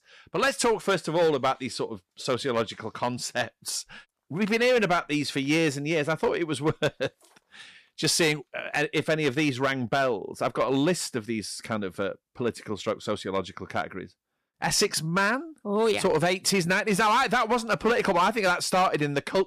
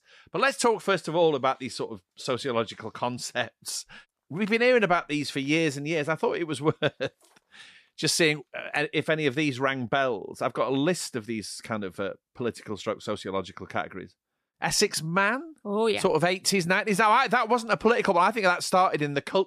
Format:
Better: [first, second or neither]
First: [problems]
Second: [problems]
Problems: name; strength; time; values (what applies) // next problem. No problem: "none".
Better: second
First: distortion; slight; 5% of the sound clipped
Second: none